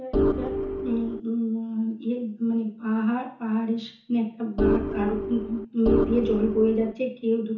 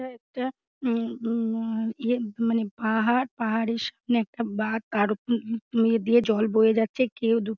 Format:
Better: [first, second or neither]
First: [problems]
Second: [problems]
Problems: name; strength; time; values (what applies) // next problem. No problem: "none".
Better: second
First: background sound (Organ); as loud as the speech // room echo; dies away in 0.7 s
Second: none